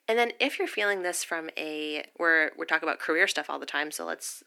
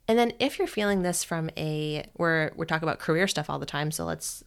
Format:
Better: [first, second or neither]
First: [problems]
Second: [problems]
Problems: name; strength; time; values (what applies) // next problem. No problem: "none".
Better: second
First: thin; somewhat; fading below 300 Hz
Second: none